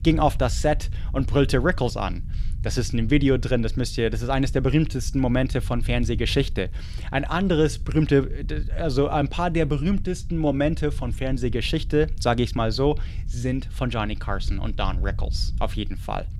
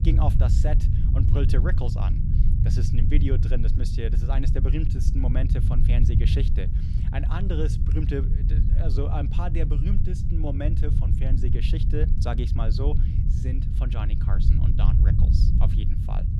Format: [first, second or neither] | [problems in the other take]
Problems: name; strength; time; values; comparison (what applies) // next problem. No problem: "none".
first | low rumble; loud; throughout; 3 dB below the speech; faint in the first